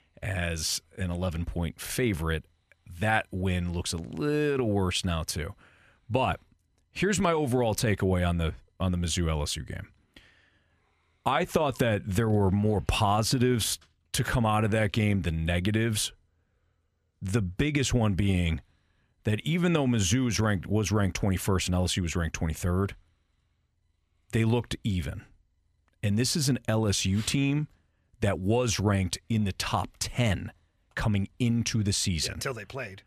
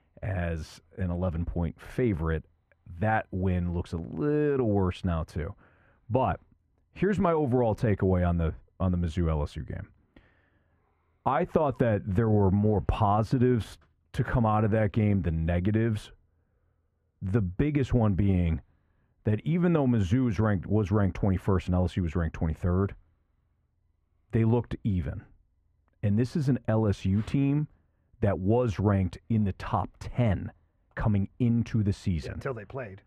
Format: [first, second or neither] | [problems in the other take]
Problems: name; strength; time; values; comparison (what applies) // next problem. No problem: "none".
first | muffled; very; fading above 2.5 kHz